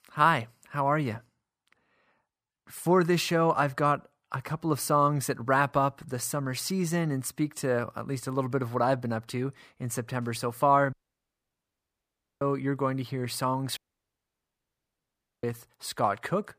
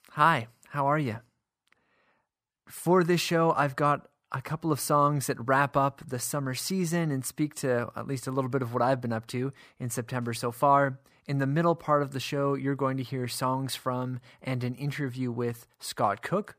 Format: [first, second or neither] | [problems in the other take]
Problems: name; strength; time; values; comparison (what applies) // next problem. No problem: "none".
second | audio cutting out; at 11 s for 1.5 s and at 14 s for 1.5 s